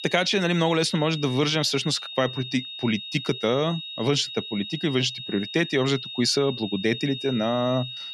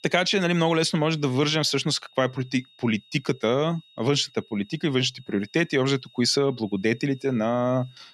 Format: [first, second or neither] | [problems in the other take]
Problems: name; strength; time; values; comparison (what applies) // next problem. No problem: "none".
second | high-pitched whine; loud; throughout; 3.5 kHz, 9 dB below the speech; faint in the second